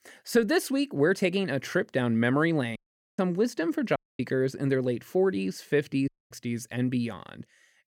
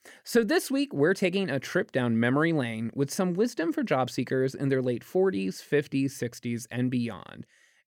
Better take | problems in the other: second | audio cutting out; at 3 s, at 4 s and at 6 s

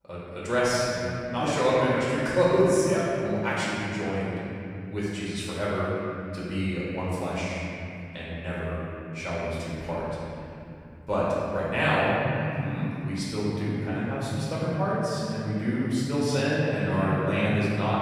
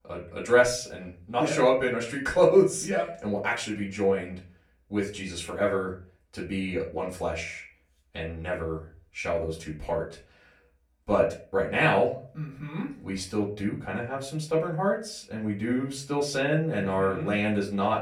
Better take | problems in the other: second | room echo; strong; dies away in 3 s; slight in the second // off-mic speech; far; far in the second

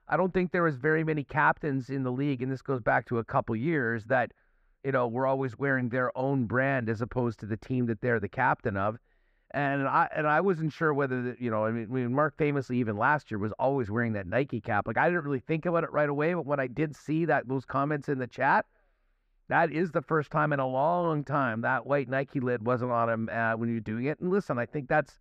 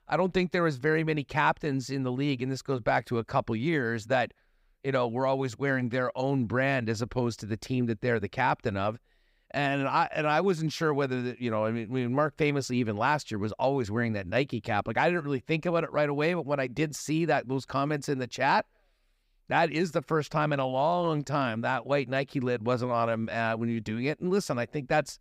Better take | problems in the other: second | muffled; very; fading above 3 kHz

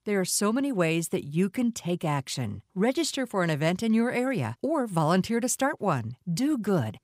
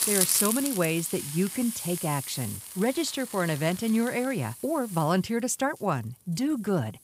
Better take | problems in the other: first | hiss; loud; throughout; 3 dB below the speech

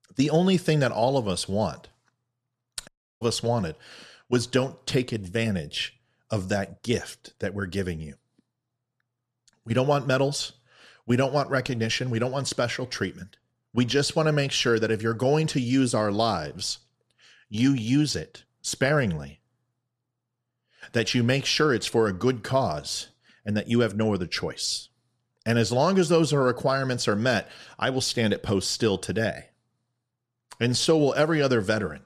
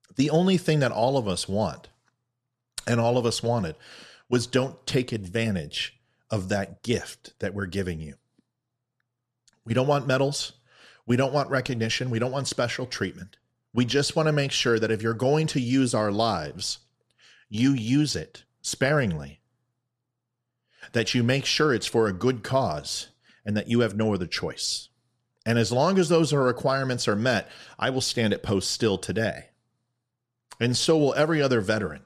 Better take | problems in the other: second | audio cutting out; at 3 s

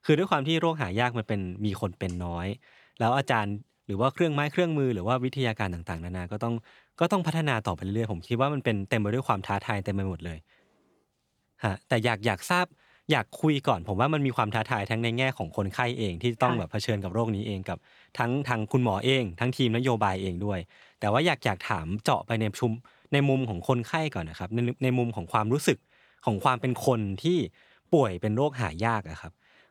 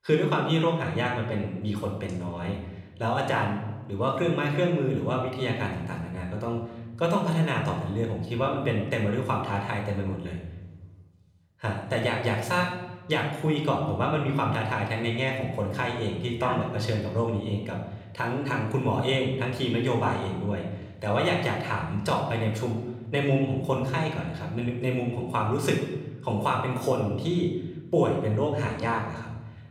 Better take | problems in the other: first | room echo; noticeable; dies away in 1 s

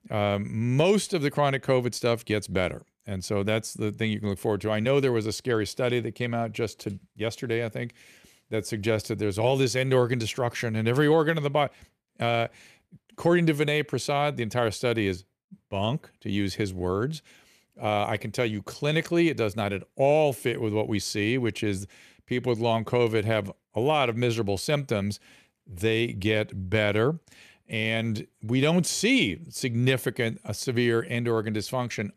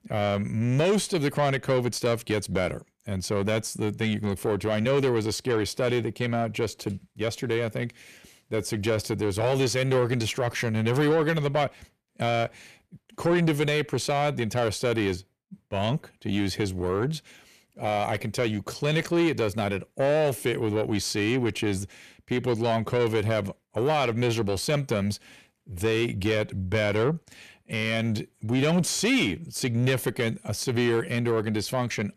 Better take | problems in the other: first | distortion; slight; 10 dB below the speech

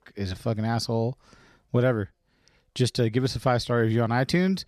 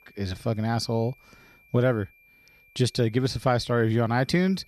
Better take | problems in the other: first | high-pitched whine; faint; throughout; 2.5 kHz, 30 dB below the speech

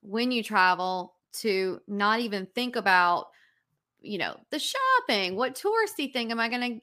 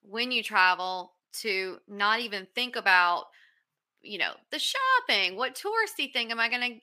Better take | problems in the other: first | thin; somewhat; fading below 550 Hz

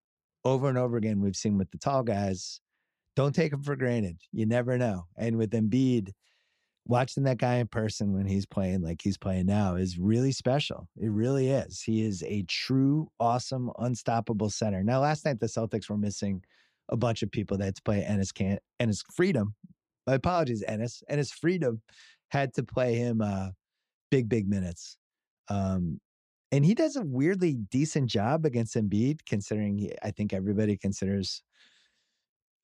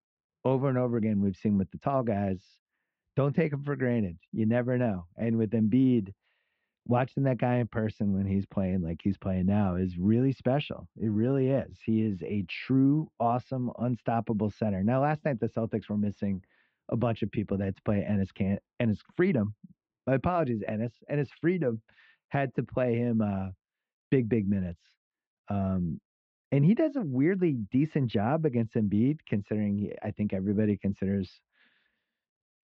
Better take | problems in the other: first | muffled; very; fading above 3 kHz

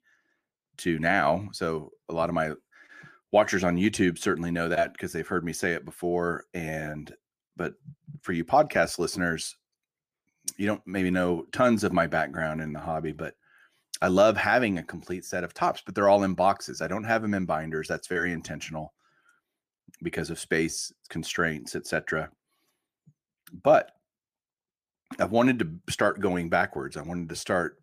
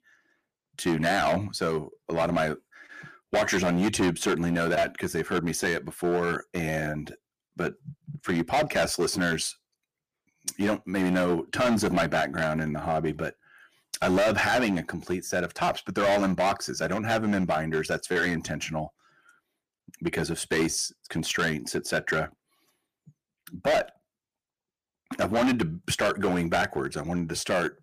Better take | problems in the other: first | distortion; heavy; 9% of the sound clipped

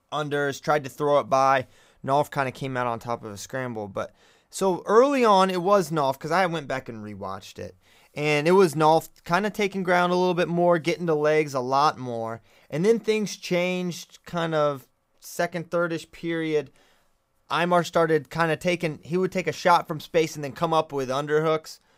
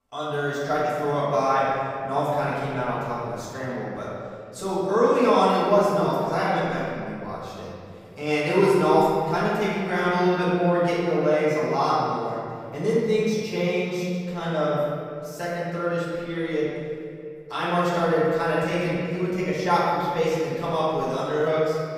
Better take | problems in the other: first | off-mic speech; far // room echo; strong; dies away in 2.3 s

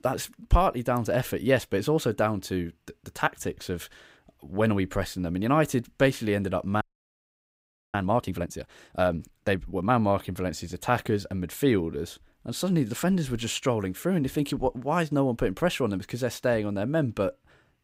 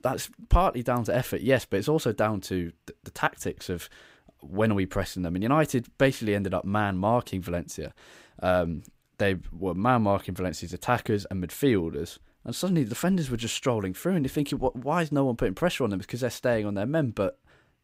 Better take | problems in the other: second | audio freezing; at 7 s for 1 s

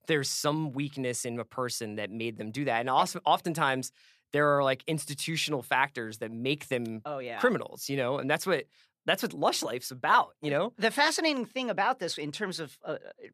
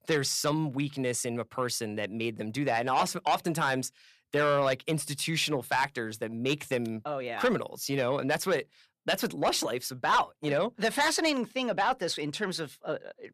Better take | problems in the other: first | distortion; slight; 10 dB below the speech

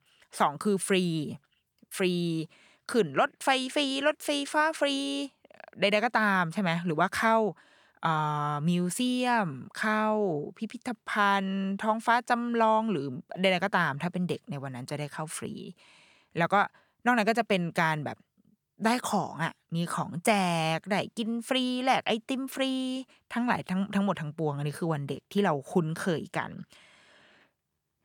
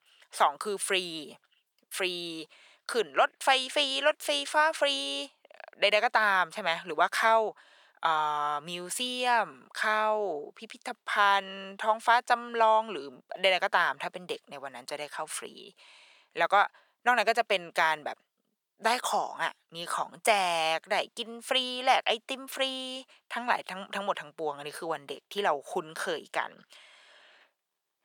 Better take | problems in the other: first | thin; very; fading below 600 Hz

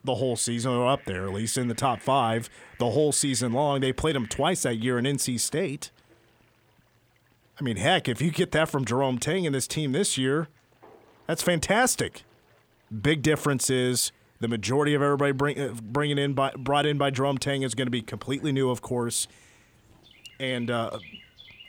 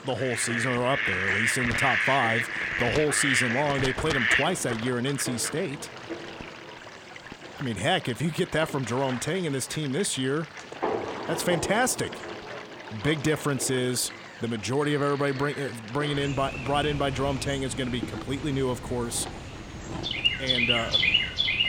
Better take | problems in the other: first | animal sounds; loud; throughout; as loud as the speech; faint in the first

